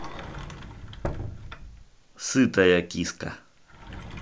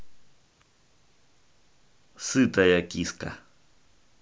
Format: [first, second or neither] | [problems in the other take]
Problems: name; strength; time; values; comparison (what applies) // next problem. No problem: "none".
second | background sound (Sliding door); 11 dB below the speech